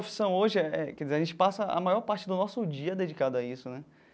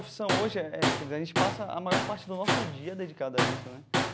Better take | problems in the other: first | background sound (Tools); 3 dB above the speech

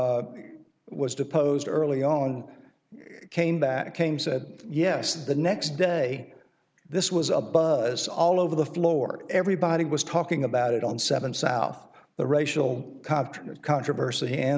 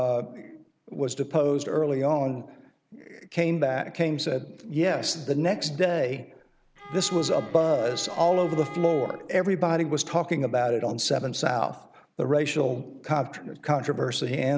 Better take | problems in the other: first | background sound (Bowed string instrument); 16 dB below the speech

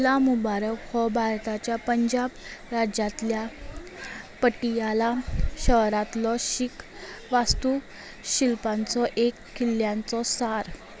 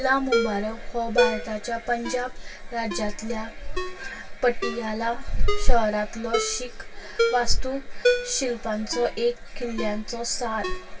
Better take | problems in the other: first | background sound (Ringtone); 8 dB below the speech // room echo; dies away in 0.1 s

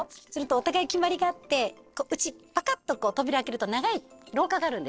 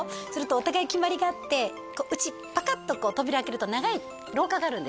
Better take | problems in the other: second | noise reduction (neural separator model SepFormer DNS4)

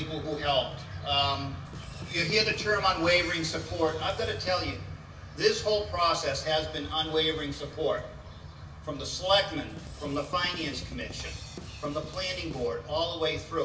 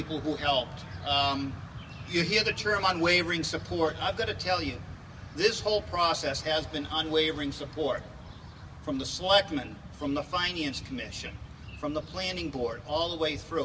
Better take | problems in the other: second | background sound (Drum kit); 15 dB below the speech // room echo; dies away in 0.8 s

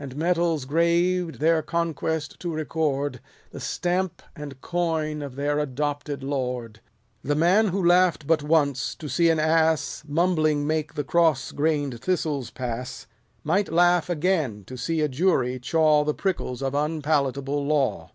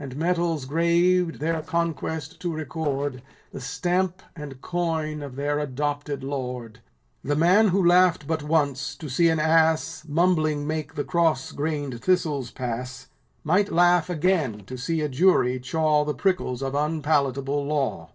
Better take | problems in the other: first | noise reduction (neural separator model SepFormer DNS4)

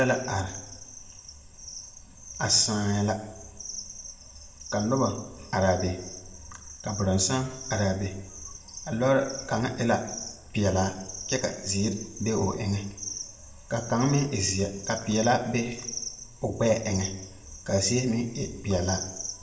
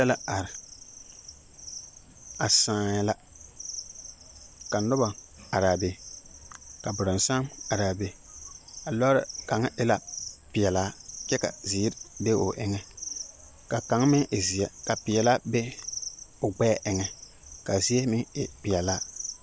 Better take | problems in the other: second | room echo; dies away in 1 s

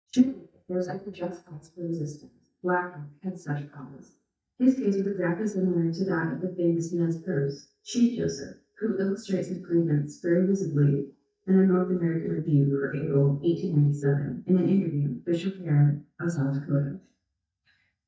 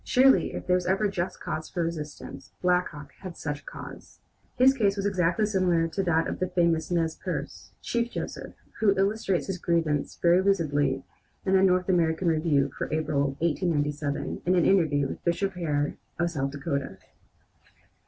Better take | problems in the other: second | noise reduction (neural mask model DeepFilterNet 3)

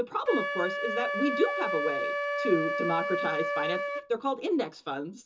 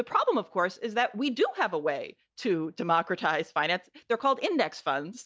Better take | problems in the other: second | background sound (Wind instrument, woodwind instrument); 1 dB below the speech // room echo; dies away in 0.2 s

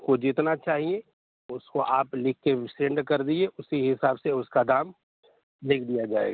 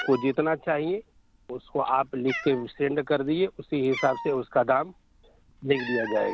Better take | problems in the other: first | background sound (Cat); 14 dB below the speech

